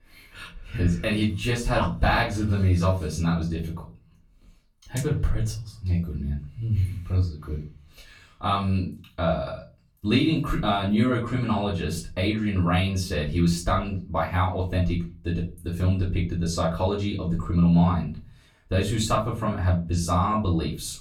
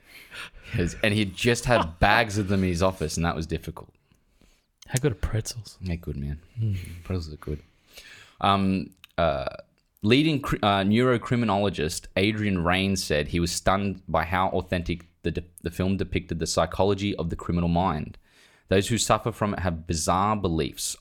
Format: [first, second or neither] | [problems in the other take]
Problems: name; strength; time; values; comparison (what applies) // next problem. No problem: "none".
second | off-mic speech; far // room echo; slight; dies away in 0.4 s